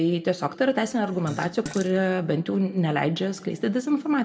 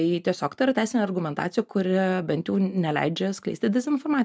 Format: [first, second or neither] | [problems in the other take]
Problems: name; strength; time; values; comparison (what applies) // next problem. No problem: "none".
second | background sound (Fart); 16 dB below the speech // room echo; dies away in 1 s